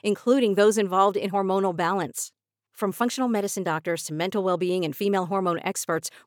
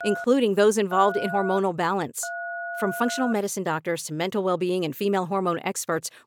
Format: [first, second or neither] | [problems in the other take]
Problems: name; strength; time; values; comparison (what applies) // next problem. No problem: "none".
first | phone ringing; noticeable; until 3.5 s; peak 7 dB below the speech